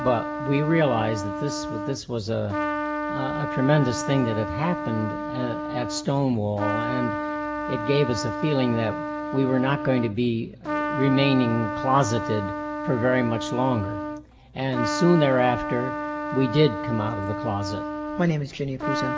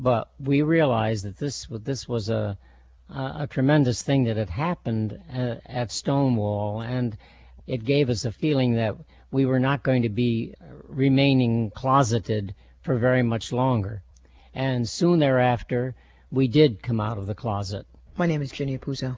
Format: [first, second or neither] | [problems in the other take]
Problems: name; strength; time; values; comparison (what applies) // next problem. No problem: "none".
second | background sound (Trumpet); 5 dB below the speech // room echo; dies away in 0.7 s